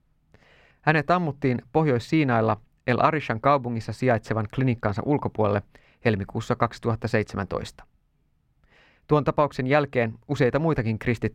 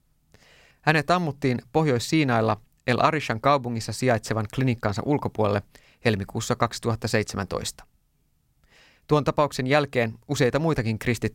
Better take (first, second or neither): second